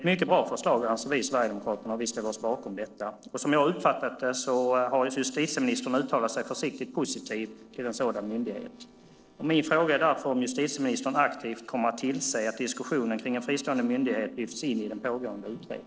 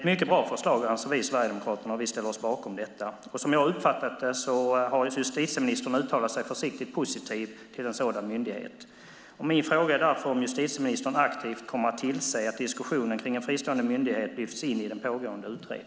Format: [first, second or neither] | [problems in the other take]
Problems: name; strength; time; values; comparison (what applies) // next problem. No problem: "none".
second | noise reduction (neural separator model SepFormer DNS4)